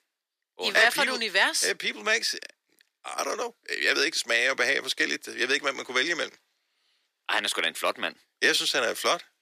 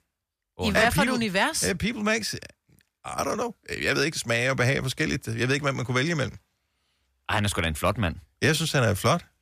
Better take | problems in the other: second | thin; very; fading below 350 Hz

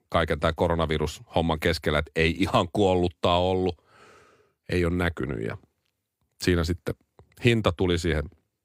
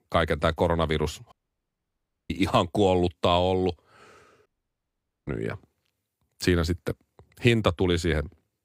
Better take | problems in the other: first | audio cutting out; at 1.5 s for 1 s and at 4.5 s for 1 s

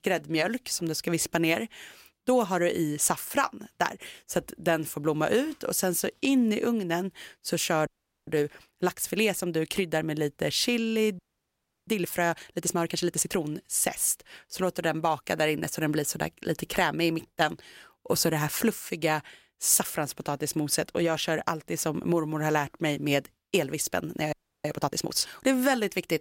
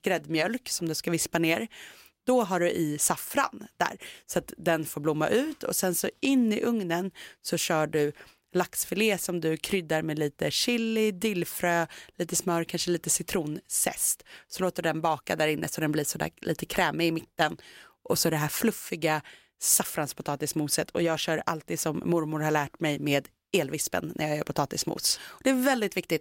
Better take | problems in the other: second | audio freezing; at 8 s, at 11 s for 0.5 s and at 24 s

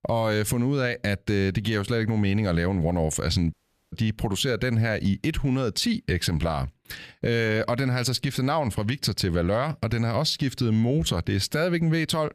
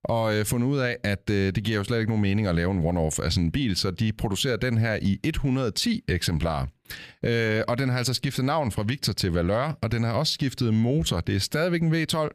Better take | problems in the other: second | audio cutting out; at 3.5 s

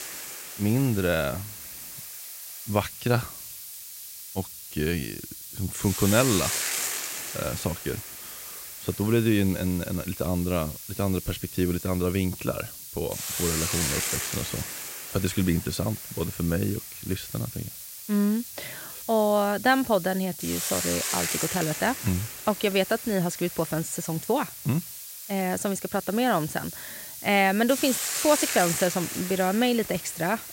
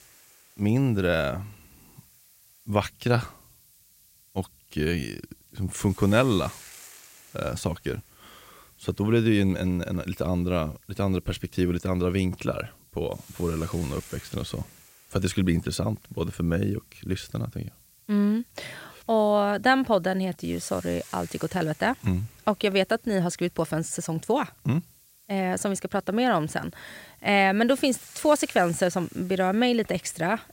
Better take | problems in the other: second | hiss; loud; throughout; 6 dB below the speech; faint in the second

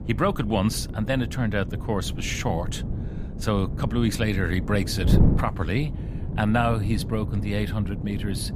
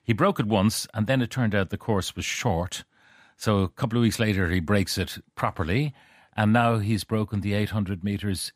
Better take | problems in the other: second | wind noise on the microphone; occasional gusts; 10 dB below the speech

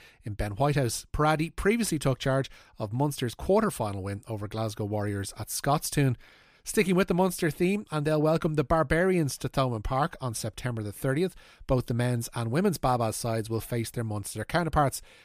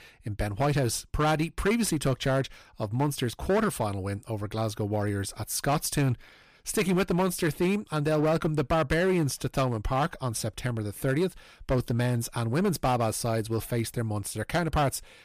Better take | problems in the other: first | distortion; slight; 7% of the sound clipped

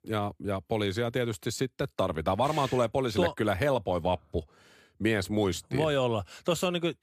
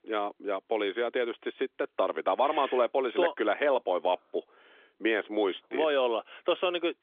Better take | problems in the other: first | phone-call audio; nothing above 3.5 kHz

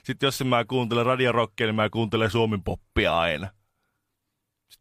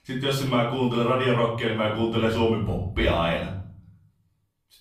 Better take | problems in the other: first | off-mic speech; far // room echo; noticeable; dies away in 0.6 s

